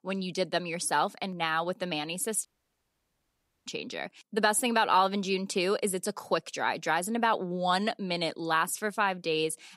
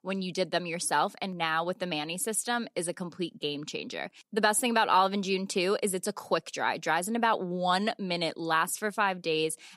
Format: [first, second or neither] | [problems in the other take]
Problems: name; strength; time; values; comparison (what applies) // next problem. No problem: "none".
second | audio cutting out; at 2.5 s for 1 s